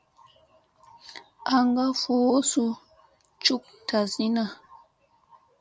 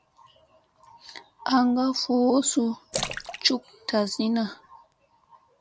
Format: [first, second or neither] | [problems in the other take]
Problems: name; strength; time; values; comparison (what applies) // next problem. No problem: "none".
first | background sound (Splash, splatter); 10 dB below the speech